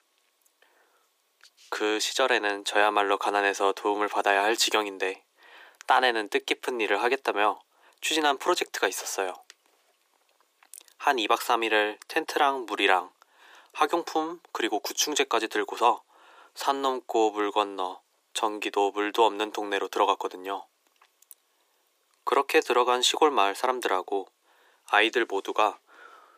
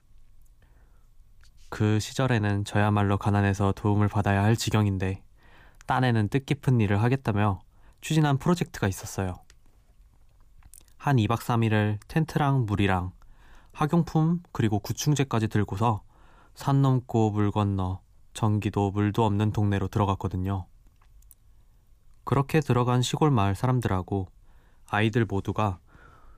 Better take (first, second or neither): second